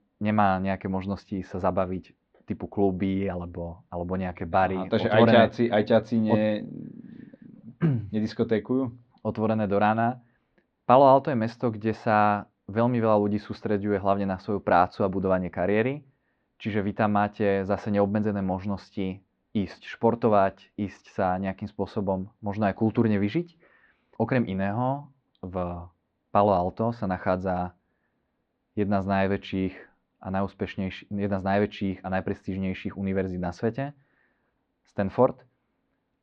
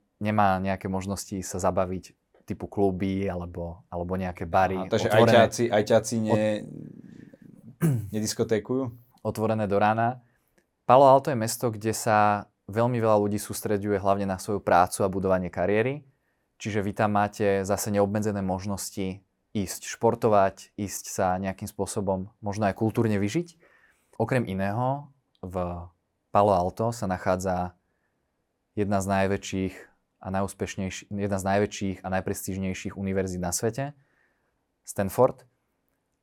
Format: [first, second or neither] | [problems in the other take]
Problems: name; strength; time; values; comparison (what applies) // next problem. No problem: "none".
second | muffled; slightly; fading above 4 kHz